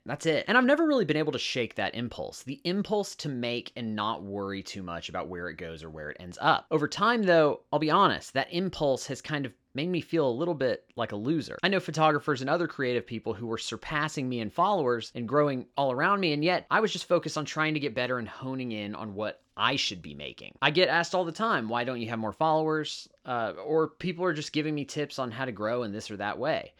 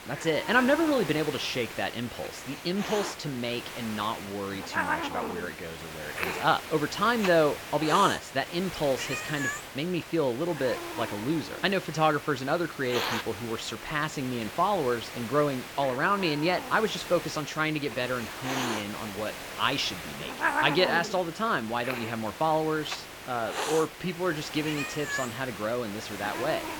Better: first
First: none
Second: hiss; loud; throughout; 7 dB below the speech

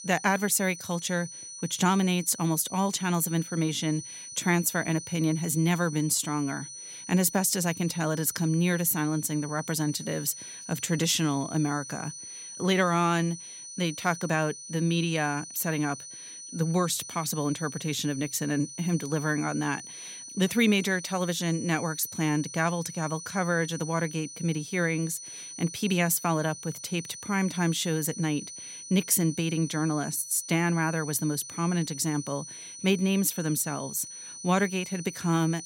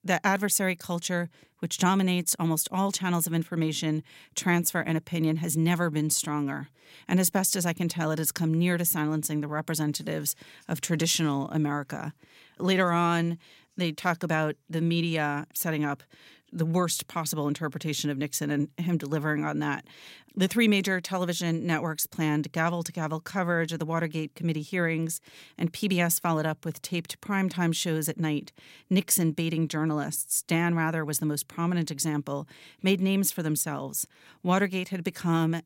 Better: second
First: high-pitched whine; noticeable; throughout; 6 kHz, 10 dB below the speech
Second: none

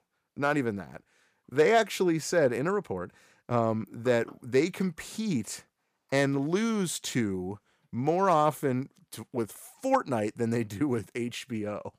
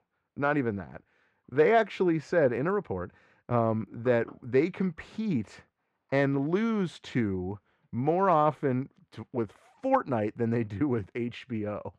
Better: first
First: none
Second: muffled; very; fading above 2.5 kHz

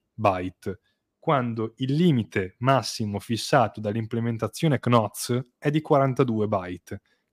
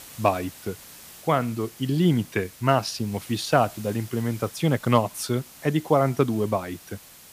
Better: first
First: none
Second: hiss; noticeable; throughout; 20 dB below the speech

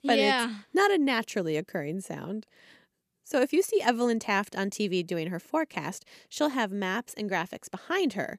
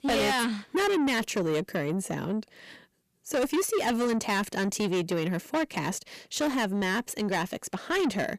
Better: first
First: none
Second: distortion; heavy; 6 dB below the speech

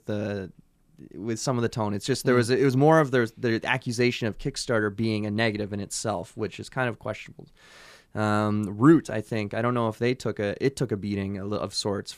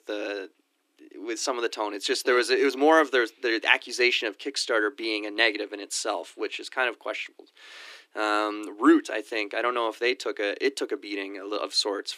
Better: first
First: none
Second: thin; somewhat; fading below 300 Hz

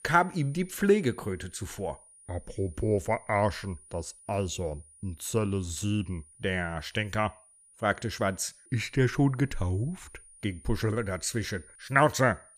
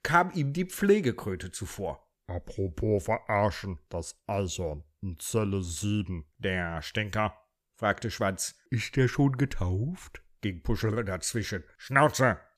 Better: second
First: high-pitched whine; faint; throughout; 9.5 kHz, 25 dB below the speech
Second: none

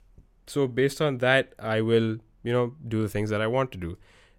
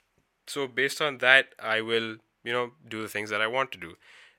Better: first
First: none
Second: thin; somewhat; fading below 950 Hz

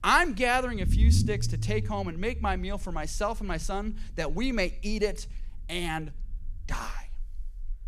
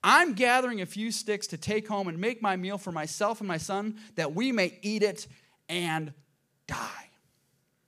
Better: second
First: low rumble; noticeable; throughout; 15 dB below the speech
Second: none

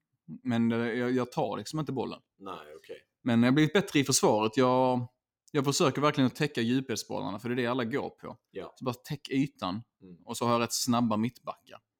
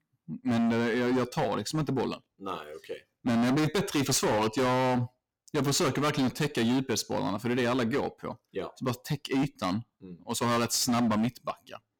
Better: first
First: none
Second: distortion; heavy; 18% of the sound clipped

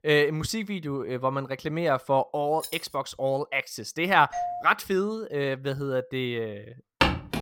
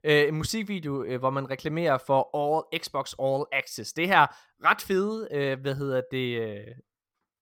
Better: second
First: jangling keys; faint; at 2.5 s; peak 10 dB below the speech // doorbell; noticeable; at 4.5 s; peak 5 dB below the speech // footsteps; loud; at 7 s; peak 2 dB above the speech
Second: none

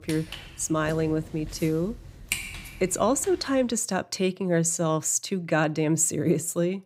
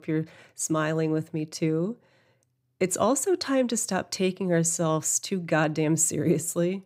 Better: second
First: footsteps; noticeable; until 3.5 s; peak 4 dB below the speech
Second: none

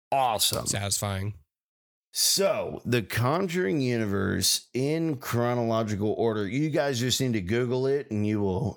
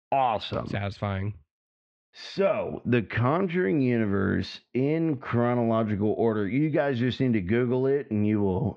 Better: first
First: none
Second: muffled; very; fading above 3 kHz

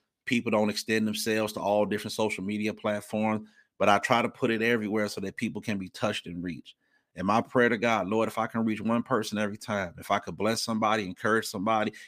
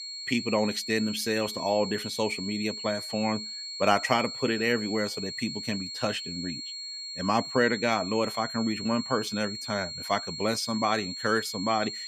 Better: first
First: none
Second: high-pitched whine; loud; throughout; 4.5 kHz, 6 dB below the speech

